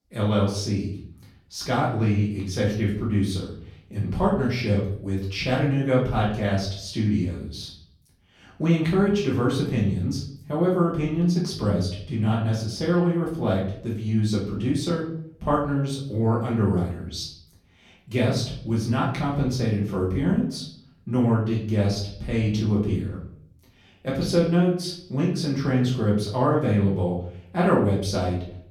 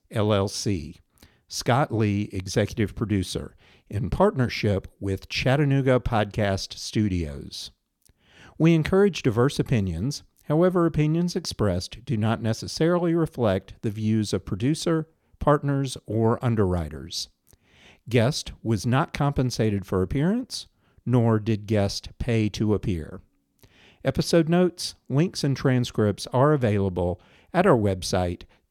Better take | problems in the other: second | off-mic speech; far // room echo; noticeable; dies away in 0.6 s

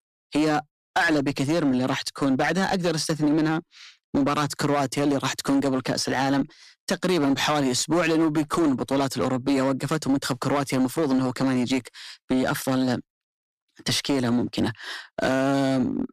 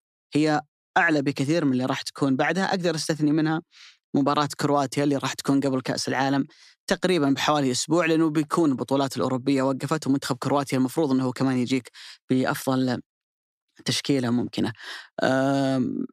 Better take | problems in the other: second | distortion; slight; 12% of the sound clipped

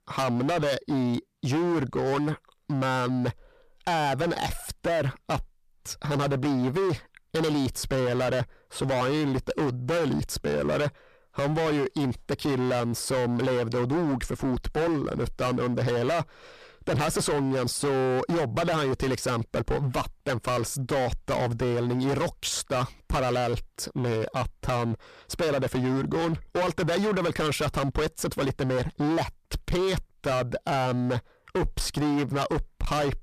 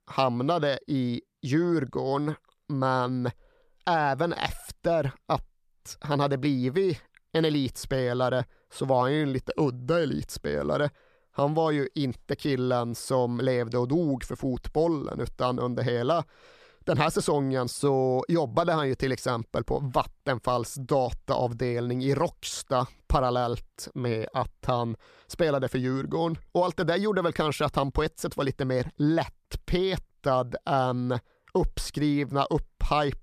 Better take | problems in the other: second | distortion; heavy; 25% of the sound clipped

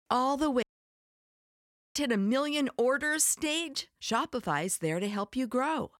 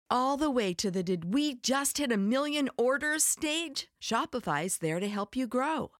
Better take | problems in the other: second | audio cutting out; at 0.5 s for 1.5 s

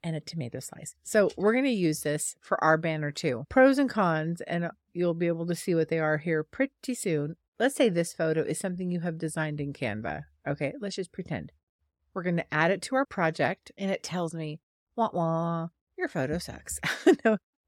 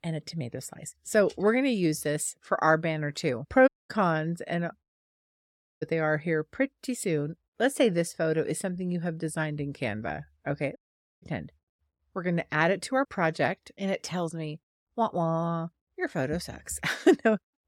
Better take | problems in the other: first | audio cutting out; at 3.5 s, at 5 s for 1 s and at 11 s

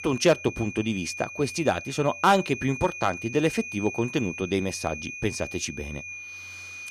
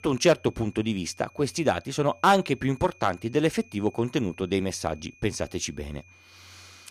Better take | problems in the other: second | high-pitched whine; loud; throughout; 2.5 kHz, 10 dB below the speech; faint in the second

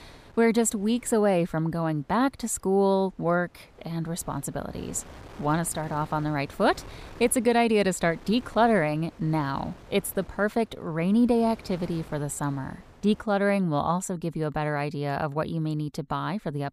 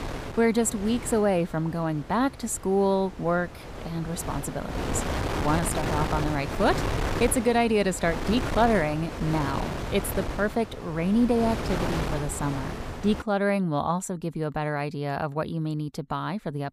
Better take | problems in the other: first | wind noise on the microphone; heavy; until 13 s; 6 dB below the speech; occasional gusts in the first

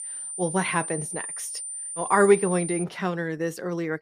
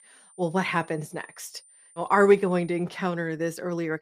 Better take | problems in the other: second | high-pitched whine; loud; until 3 s; 9 kHz, 7 dB below the speech; faint in the second

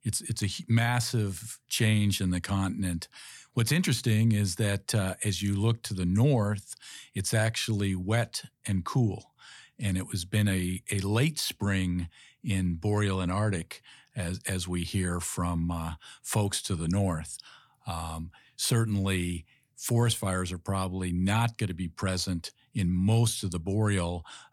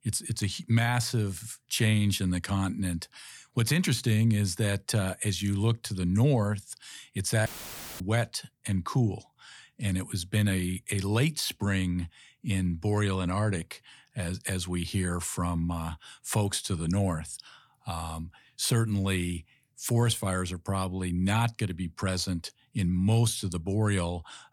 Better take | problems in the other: first | audio cutting out; filled with static; at 7.5 s for 0.5 s

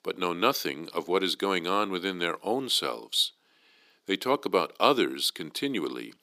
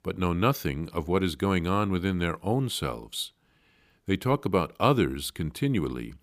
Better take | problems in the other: second | thin; somewhat; fading below 300 Hz

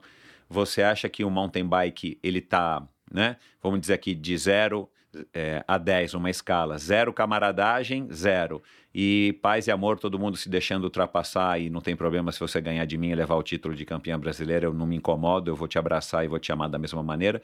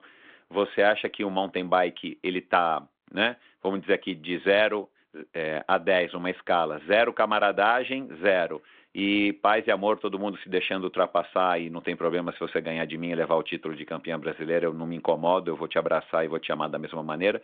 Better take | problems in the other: first | phone-call audio

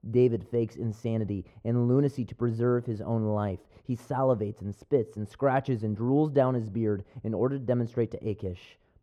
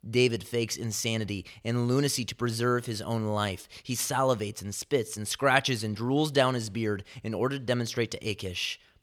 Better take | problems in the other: second | muffled; very; fading above 1.5 kHz

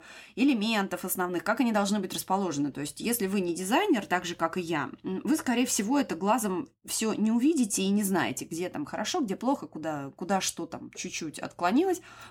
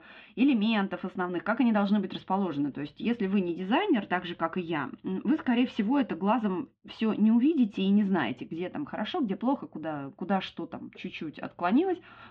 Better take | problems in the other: first | muffled; very; fading above 3.5 kHz

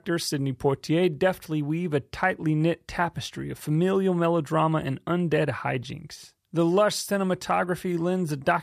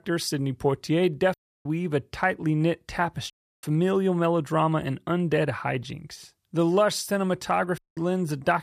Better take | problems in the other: first | audio cutting out; at 1.5 s, at 3.5 s and at 8 s

